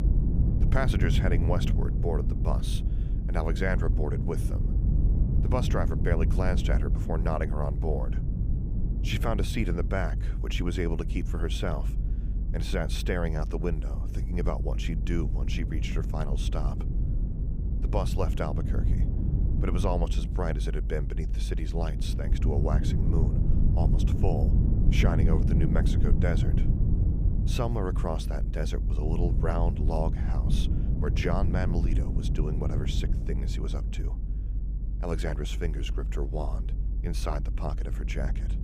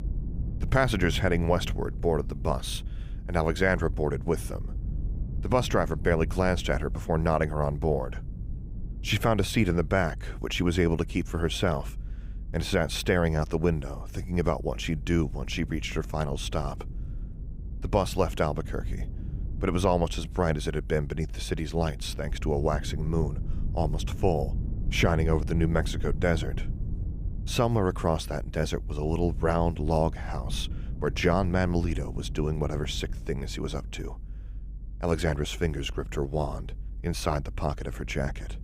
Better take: second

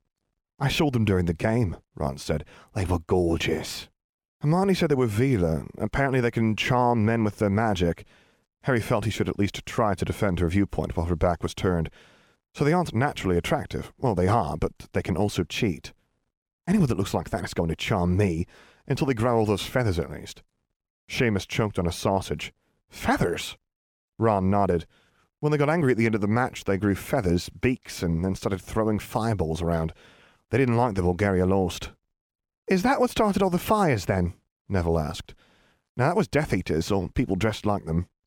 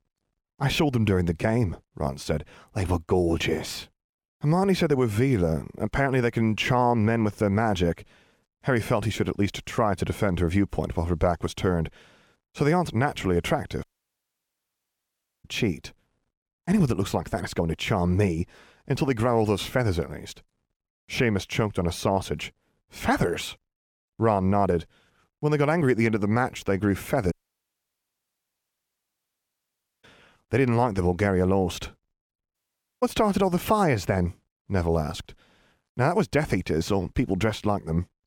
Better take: first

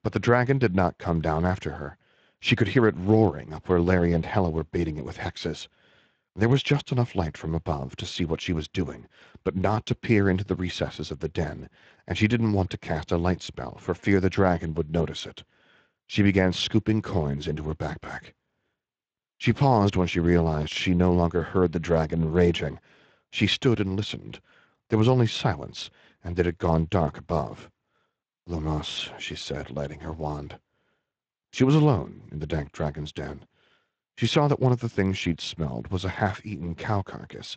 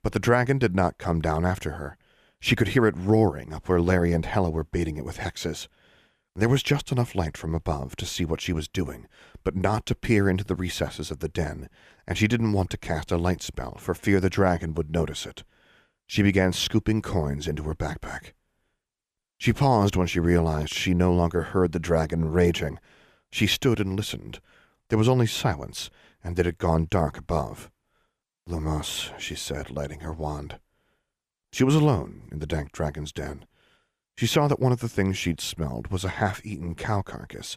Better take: second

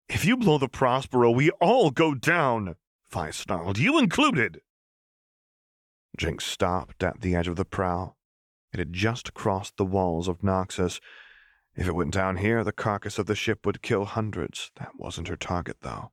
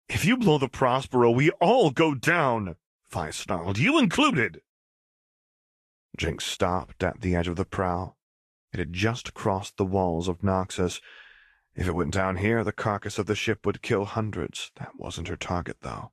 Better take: first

